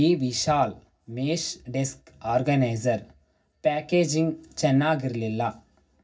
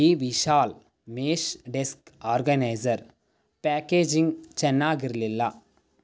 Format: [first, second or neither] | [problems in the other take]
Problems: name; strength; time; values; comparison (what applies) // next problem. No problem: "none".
second | room echo; dies away in 0.4 s